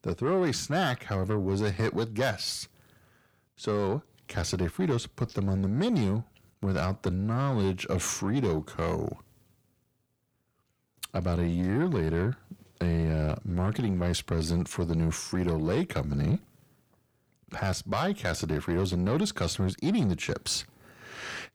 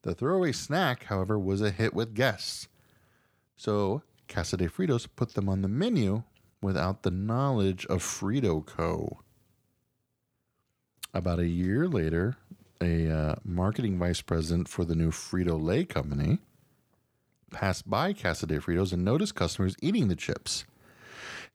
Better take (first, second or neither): second